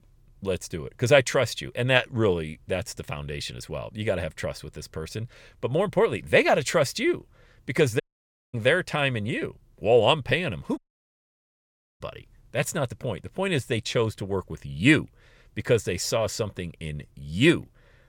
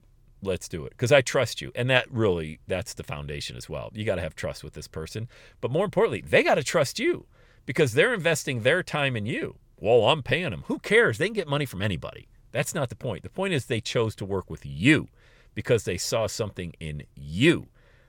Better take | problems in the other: second | audio cutting out; at 8 s for 0.5 s and at 11 s for 1 s

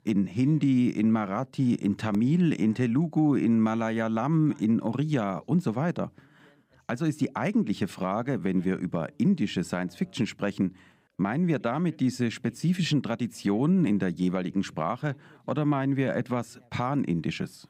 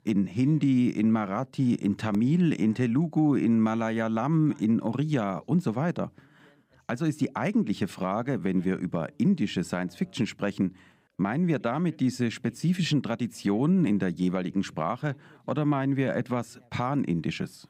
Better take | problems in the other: neither | none

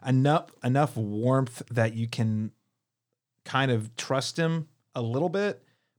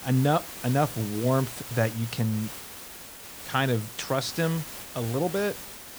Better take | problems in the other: first | hiss; noticeable; throughout; 10 dB below the speech

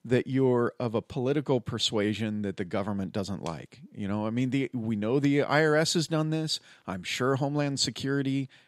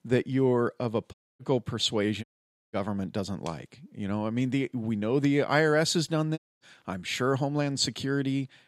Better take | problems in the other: first | audio cutting out; at 1 s, at 2 s and at 6.5 s

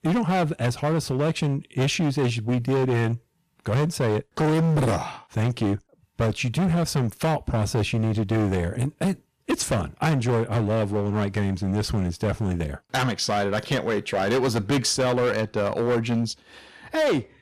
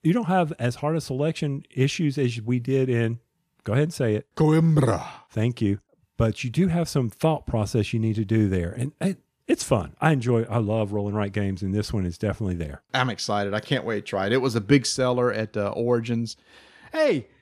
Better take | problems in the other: second | distortion; heavy; 18% of the sound clipped

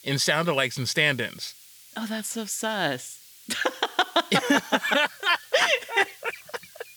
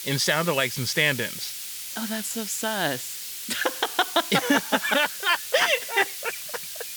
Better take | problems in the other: first | hiss; loud; throughout; 8 dB below the speech; faint in the first

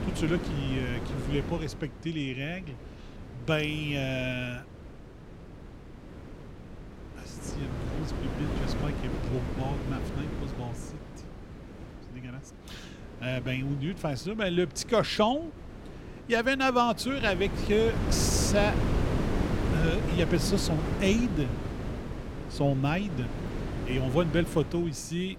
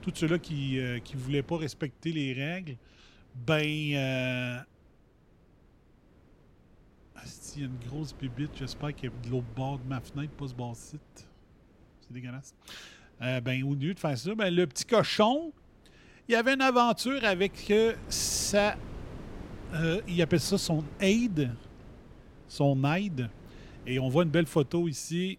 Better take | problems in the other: second | wind noise on the microphone; heavy; 9 dB below the speech; occasional gusts in the second

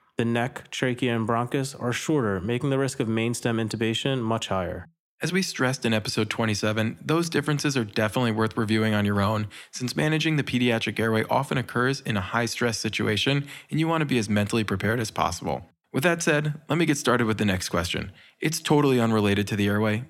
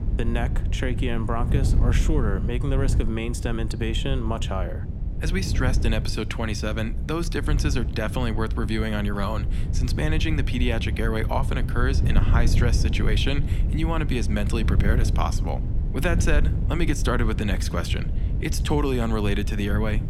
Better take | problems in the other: first | wind noise on the microphone; occasional gusts; 10 dB below the speech

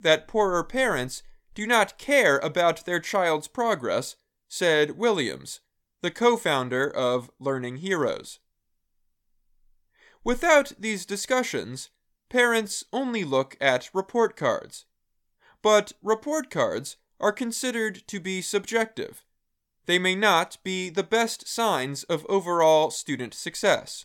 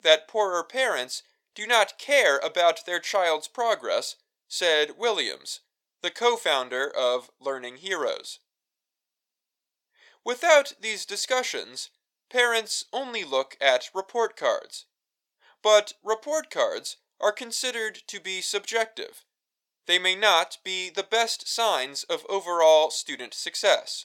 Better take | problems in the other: first | thin; very; fading below 500 Hz

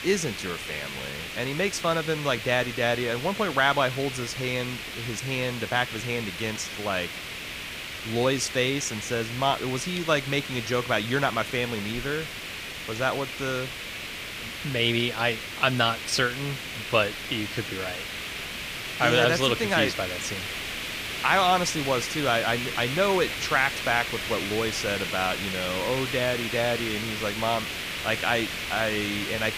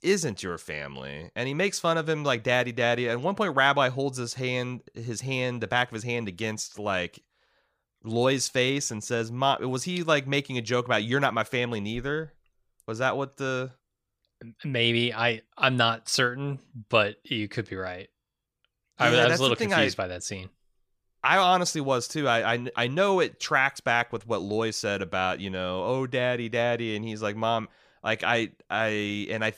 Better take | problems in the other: second | hiss; loud; throughout; 5 dB below the speech

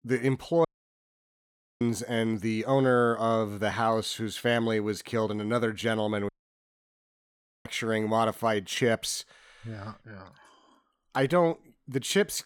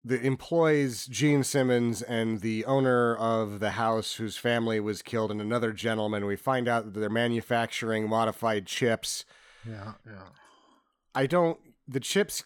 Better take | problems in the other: second | audio cutting out; at 0.5 s for 1 s and at 6.5 s for 1.5 s

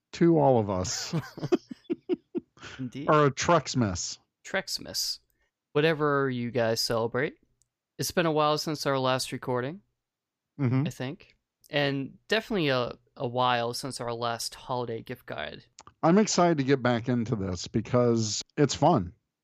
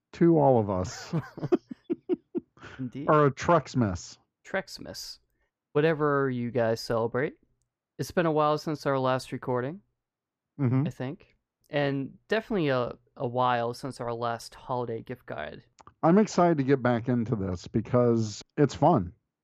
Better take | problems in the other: first | muffled; slightly; fading above 2.5 kHz

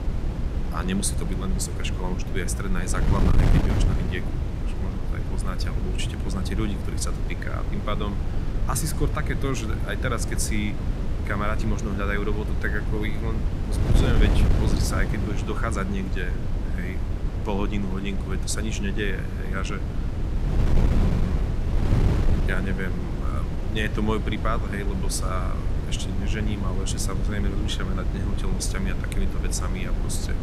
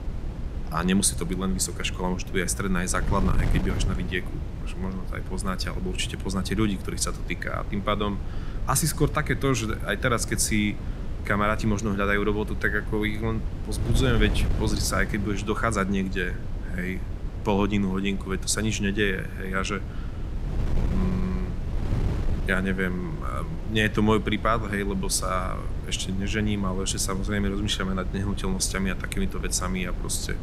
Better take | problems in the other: second | wind noise on the microphone; heavy; 5 dB below the speech; occasional gusts in the second

